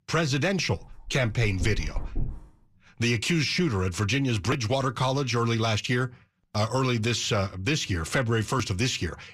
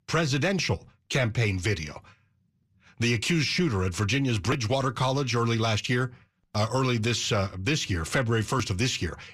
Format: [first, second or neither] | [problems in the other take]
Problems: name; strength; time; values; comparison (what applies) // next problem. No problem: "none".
second | dog barking; noticeable; from 1 to 2.5 s; peak 8 dB below the speech